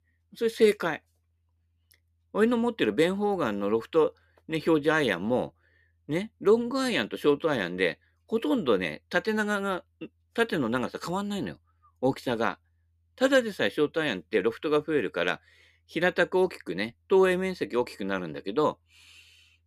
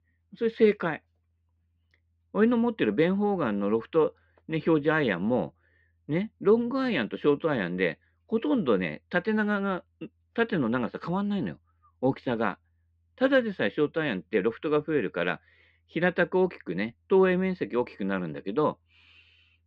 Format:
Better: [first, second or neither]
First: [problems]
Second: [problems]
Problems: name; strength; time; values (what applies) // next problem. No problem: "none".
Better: first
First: none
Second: muffled; slightly; fading above 3 kHz